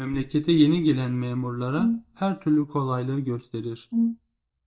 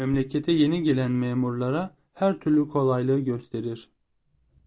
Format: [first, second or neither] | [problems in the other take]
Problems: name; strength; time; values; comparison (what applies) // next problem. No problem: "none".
second | noise reduction (neural mask model DeepFilterNet 3)